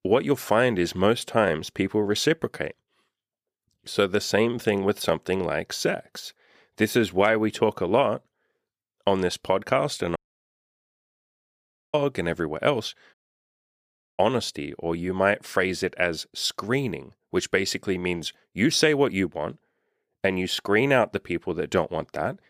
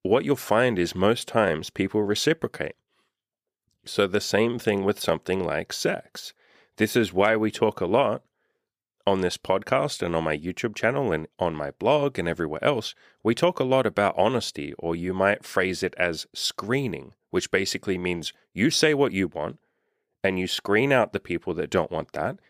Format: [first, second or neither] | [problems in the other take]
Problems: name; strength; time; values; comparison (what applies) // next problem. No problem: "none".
second | audio cutting out; at 10 s for 2 s and at 13 s for 1 s